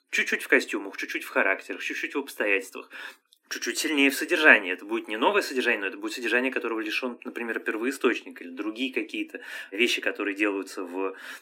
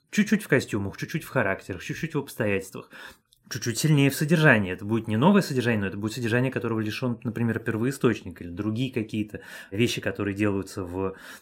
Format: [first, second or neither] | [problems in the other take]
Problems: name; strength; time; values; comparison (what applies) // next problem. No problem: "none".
second | thin; somewhat; fading below 250 Hz